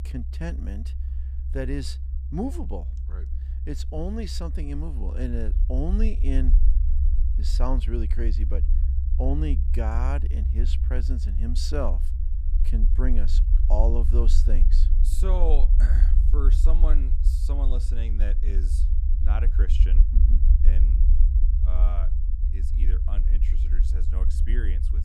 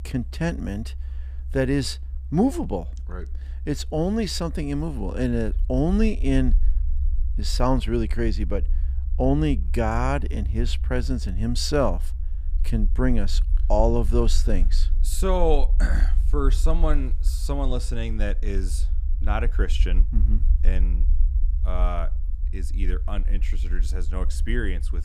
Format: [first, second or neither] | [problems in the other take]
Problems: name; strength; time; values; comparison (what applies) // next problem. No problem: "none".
second | low rumble; loud; throughout; 9 dB below the speech; faint in the second